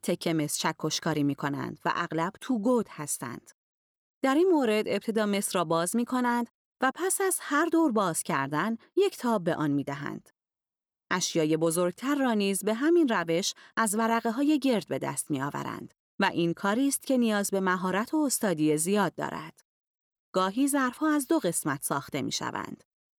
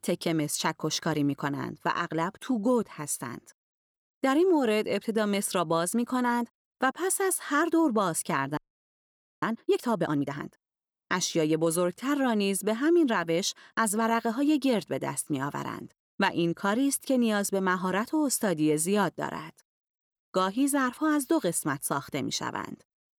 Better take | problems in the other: first | audio freezing; at 8.5 s for 1 s

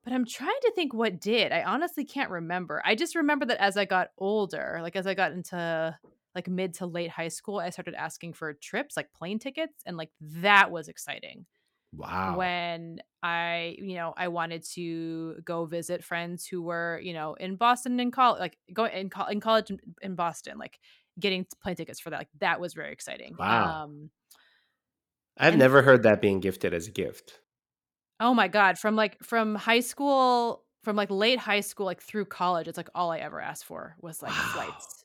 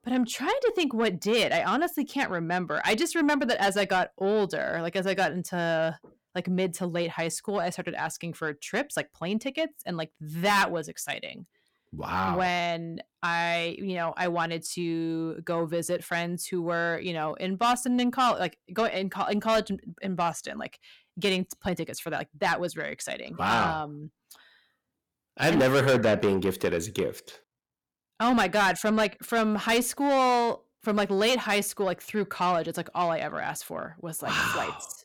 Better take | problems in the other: first | distortion; heavy; 7 dB below the speech

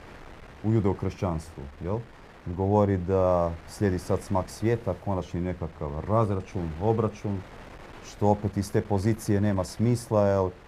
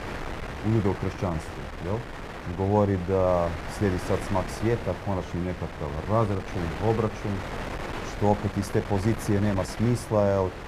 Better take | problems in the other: first | wind noise on the microphone; heavy; 8 dB below the speech; occasional gusts in the first

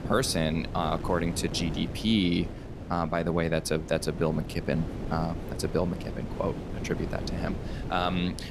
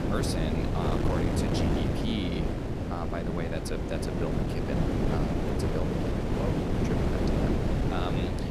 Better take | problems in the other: first | wind noise on the microphone; heavy; 4 dB above the speech; occasional gusts in the first

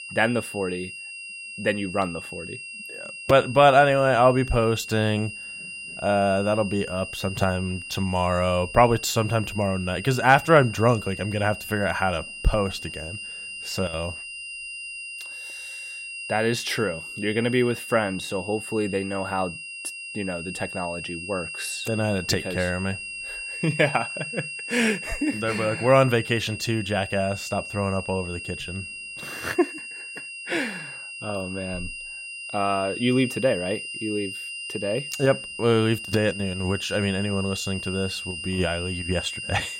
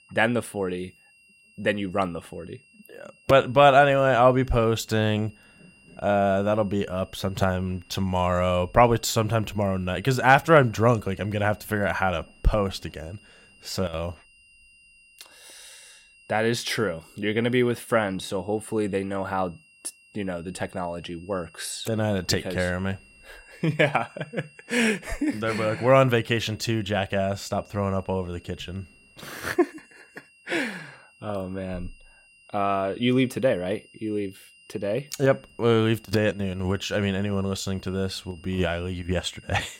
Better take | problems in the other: second | high-pitched whine; loud; throughout; 2.5 kHz, 9 dB below the speech; faint in the second

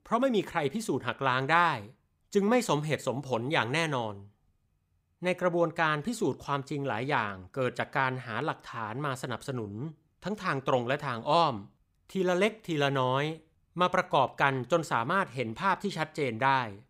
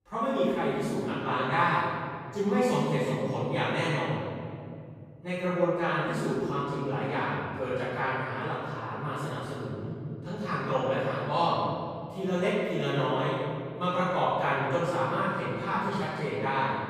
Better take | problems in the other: first | off-mic speech; far // room echo; strong; dies away in 2.6 s

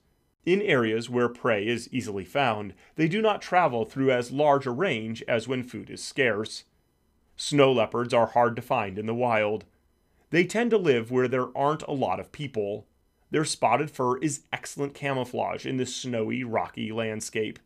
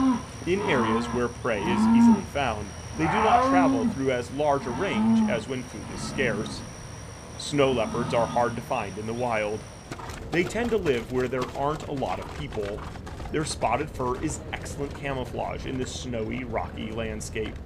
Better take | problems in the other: first | animal sounds; loud; throughout; as loud as the speech

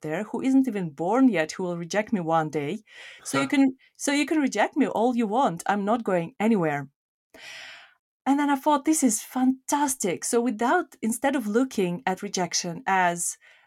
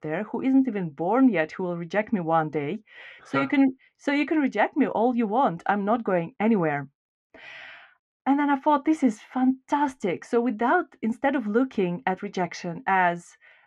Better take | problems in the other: first | muffled; very; fading above 2 kHz

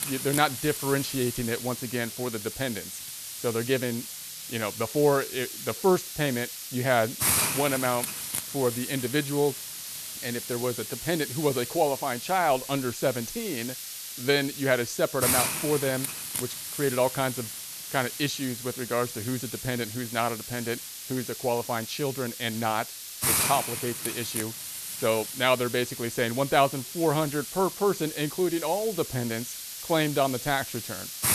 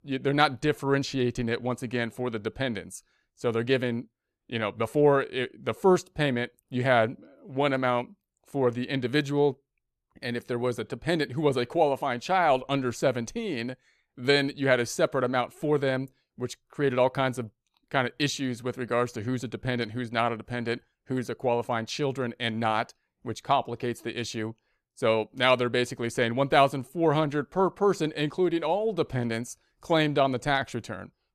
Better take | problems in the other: second | hiss; loud; throughout; 4 dB below the speech

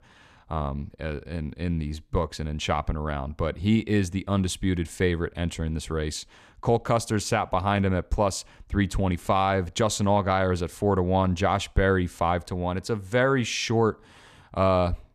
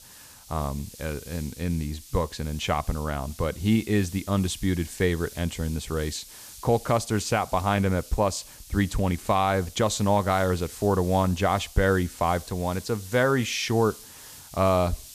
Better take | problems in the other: first | hiss; noticeable; throughout; 15 dB below the speech

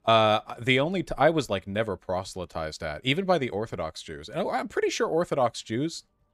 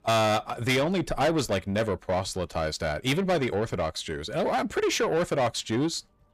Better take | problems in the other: first | distortion; heavy; 7 dB below the speech

